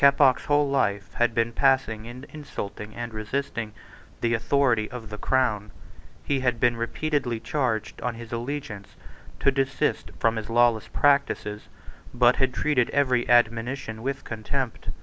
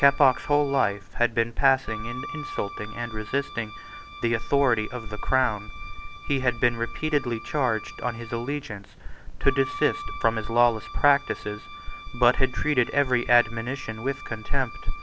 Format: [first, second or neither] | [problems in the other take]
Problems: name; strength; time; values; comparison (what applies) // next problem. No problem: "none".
first | background sound (Wind instrument, woodwind instrument); 16 dB below the speech